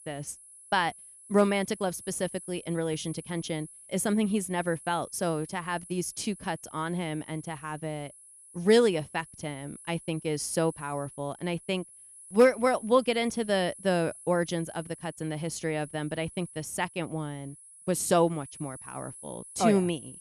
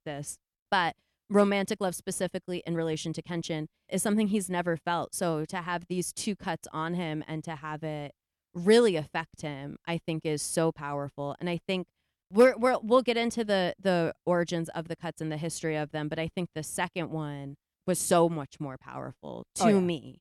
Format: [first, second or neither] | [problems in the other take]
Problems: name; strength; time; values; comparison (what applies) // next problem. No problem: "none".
second | high-pitched whine; noticeable; throughout; 10.5 kHz, 15 dB below the speech